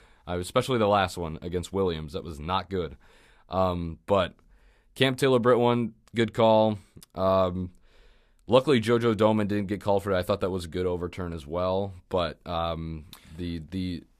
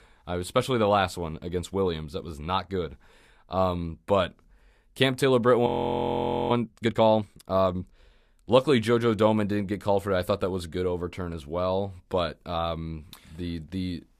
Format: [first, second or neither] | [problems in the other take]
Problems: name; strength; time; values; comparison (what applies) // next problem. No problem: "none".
first | audio freezing; at 5.5 s for 1 s